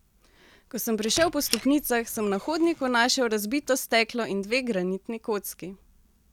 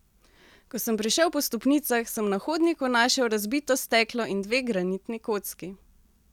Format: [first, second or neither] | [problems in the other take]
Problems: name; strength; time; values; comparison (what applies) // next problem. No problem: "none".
second | background sound (Squeak); 13 dB below the speech